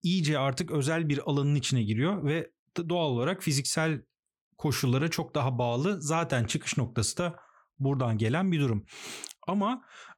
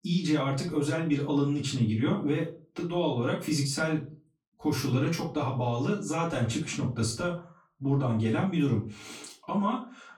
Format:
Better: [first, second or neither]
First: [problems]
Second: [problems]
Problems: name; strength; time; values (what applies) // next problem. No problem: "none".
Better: first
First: none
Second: room echo; slight; dies away in 0.3 s // off-mic speech; far